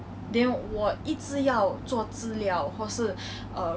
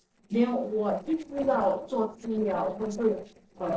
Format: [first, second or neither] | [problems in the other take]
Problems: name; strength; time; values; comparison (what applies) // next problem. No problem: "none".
first | noise reduction (neural separator model SepFormer DNS4)